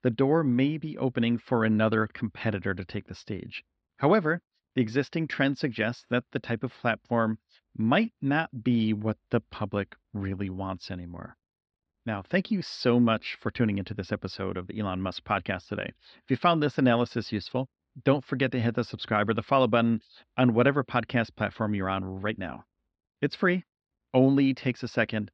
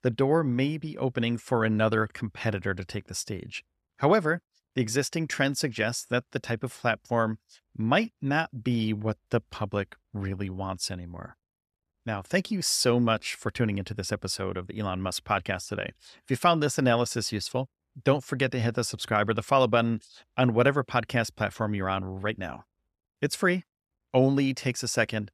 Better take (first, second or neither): second